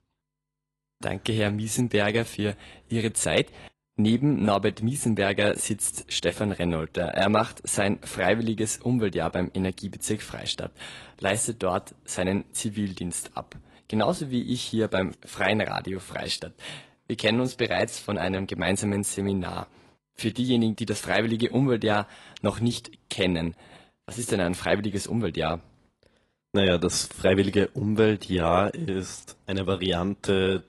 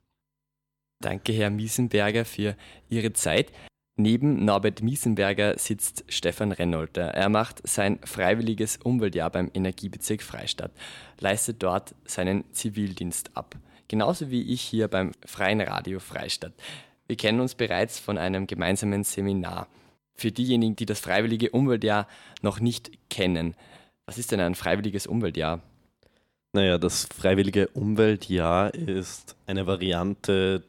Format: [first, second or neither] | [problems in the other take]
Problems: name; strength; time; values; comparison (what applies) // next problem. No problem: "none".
second | garbled, watery; slightly; nothing above 11.5 kHz